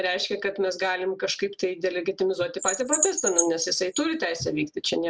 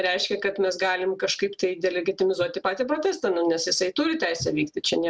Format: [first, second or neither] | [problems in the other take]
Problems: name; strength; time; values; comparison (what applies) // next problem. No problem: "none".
second | noise reduction (neural mask model Resemble Enhance denoiser)